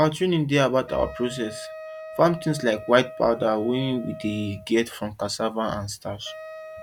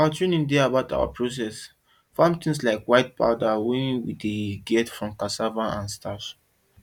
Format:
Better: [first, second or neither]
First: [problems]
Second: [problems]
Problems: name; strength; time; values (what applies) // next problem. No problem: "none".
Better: second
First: background sound (Wind instrument, woodwind instrument); 16 dB below the speech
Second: none